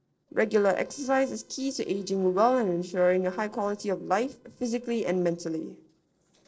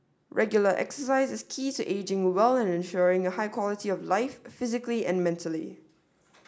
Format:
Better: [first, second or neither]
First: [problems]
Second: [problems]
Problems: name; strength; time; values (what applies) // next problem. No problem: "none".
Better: second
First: noise reduction (neural separator model SepFormer DNS4)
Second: none